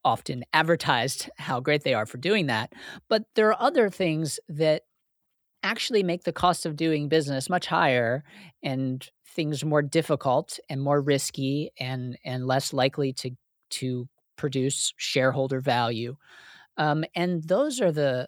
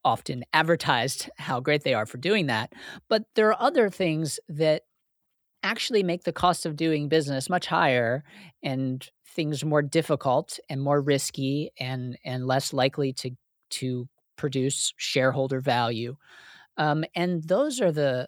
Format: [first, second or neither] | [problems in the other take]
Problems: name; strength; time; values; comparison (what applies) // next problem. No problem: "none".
neither | none